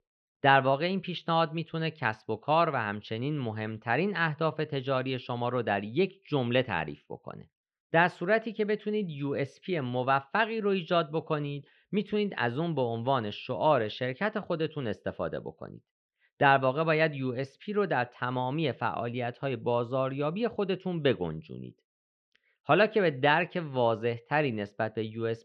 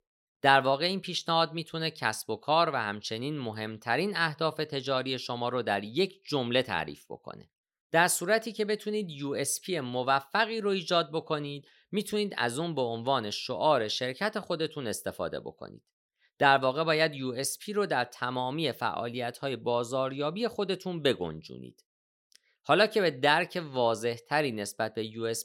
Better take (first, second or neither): second